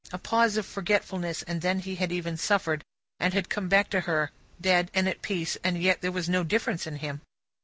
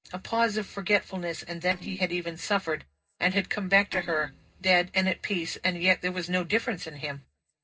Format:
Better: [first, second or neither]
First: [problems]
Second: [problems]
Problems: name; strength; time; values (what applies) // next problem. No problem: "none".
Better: first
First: none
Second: noise reduction (neural separator model SepFormer DNS4)